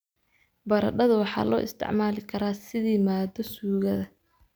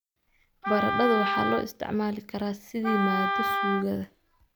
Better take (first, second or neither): first